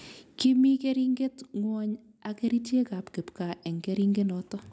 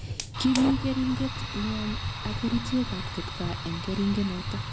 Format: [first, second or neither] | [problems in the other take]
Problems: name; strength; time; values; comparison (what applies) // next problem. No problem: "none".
first | background sound (Fire); 4 dB below the speech